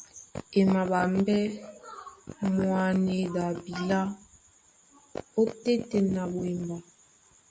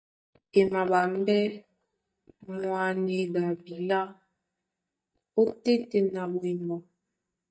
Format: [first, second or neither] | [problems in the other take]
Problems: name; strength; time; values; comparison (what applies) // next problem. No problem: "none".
first | noise reduction (neural mask model DeepFilterNet 3)